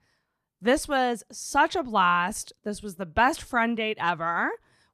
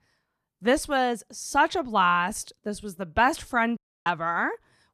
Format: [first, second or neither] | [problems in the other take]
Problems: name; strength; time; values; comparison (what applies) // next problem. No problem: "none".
first | audio cutting out; at 4 s